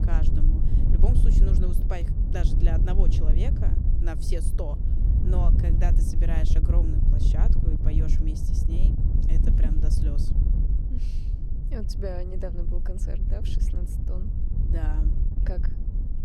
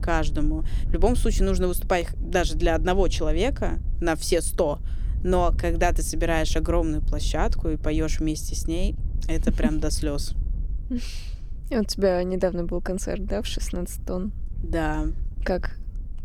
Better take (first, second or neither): second